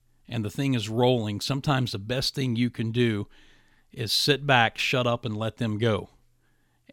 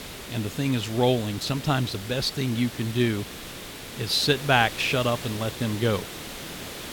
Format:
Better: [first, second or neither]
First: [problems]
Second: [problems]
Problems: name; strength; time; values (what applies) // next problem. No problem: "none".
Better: first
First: none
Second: hiss; noticeable; throughout; 10 dB below the speech